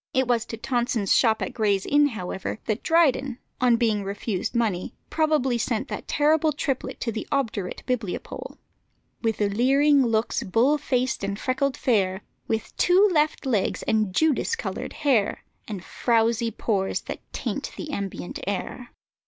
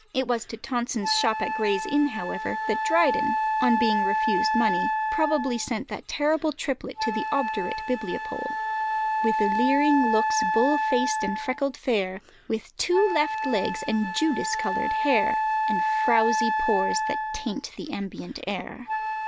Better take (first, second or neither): first